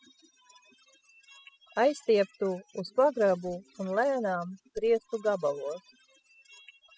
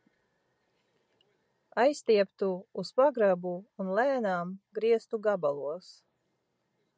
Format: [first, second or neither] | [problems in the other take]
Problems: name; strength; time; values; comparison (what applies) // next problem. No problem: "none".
second | noise reduction (classical method spectral subtraction)